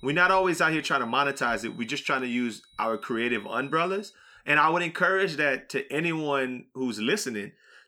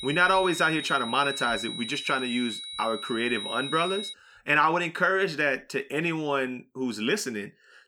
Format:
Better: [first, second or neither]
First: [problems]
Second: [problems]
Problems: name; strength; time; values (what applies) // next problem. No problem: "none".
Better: first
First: high-pitched whine; faint; until 4 s; 4 kHz, 30 dB below the speech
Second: high-pitched whine; loud; until 4 s; 4 kHz, 8 dB below the speech